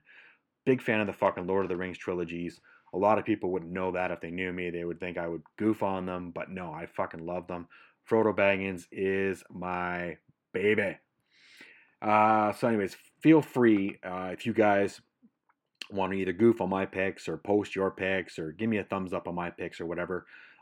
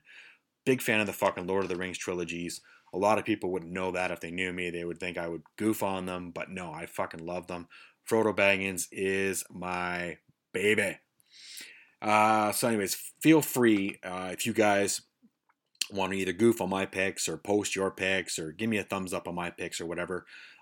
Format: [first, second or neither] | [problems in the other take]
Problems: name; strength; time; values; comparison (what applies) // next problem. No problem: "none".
second | muffled; very; fading above 3.5 kHz